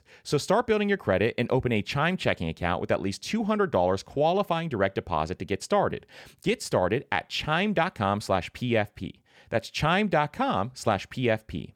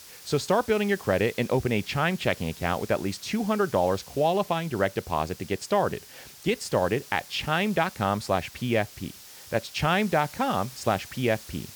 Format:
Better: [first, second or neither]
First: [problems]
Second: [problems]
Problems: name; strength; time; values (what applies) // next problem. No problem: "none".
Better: first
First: none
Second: hiss; noticeable; throughout; 15 dB below the speech